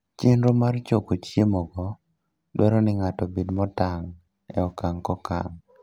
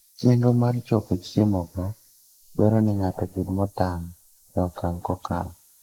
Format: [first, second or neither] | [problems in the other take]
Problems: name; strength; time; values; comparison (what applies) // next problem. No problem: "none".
first | noise reduction (neural mask model Resemble Enhance denoiser)